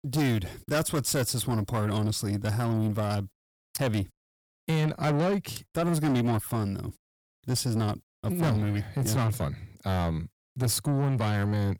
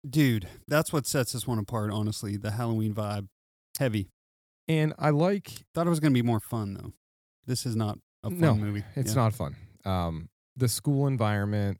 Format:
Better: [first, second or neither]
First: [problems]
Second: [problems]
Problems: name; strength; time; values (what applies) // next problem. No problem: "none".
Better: second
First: distortion; heavy; 7 dB below the speech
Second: none